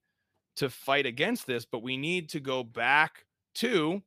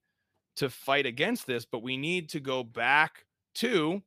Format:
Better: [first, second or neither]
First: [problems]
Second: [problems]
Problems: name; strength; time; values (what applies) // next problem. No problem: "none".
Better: neither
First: none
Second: none